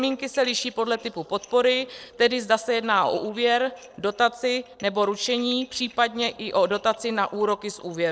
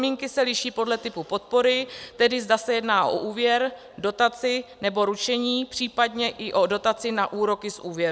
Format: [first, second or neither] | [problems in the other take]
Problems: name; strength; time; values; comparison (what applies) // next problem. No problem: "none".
second | noise reduction (neural separator model SepFormer DNS4)